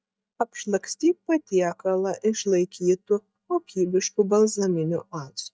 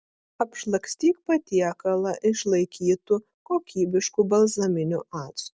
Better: second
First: noise reduction (neural mask model DeepFilterNet 3)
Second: none

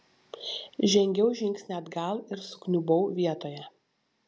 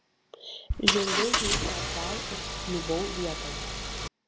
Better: first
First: none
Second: background sound (Engine); 4 dB above the speech

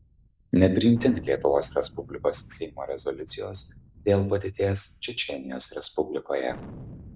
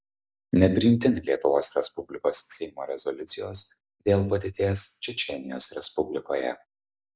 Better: second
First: background sound (Thunder); 19 dB below the speech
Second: none

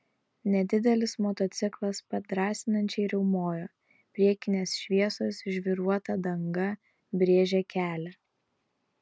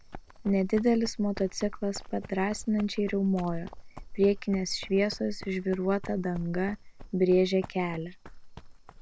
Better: first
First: none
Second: background sound (Run); 13 dB below the speech

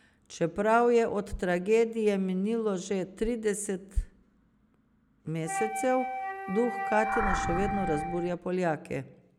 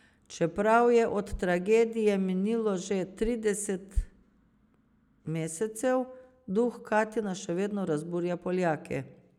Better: second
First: background sound (Wind instrument, woodwind instrument + Animal); 3 dB below the speech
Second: none

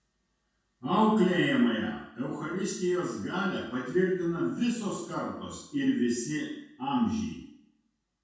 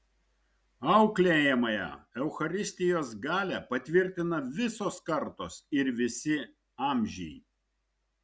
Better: second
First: room echo; dies away in 0.6 s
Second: none

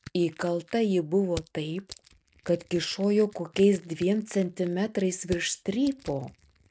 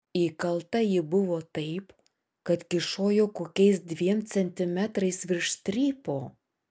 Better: second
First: noise reduction (neural mask model RNNoise)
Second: none

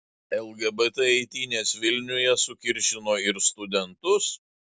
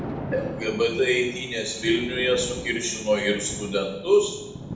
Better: first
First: none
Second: background sound (Thunder); 11 dB below the speech // room echo; dies away in 0.8 s

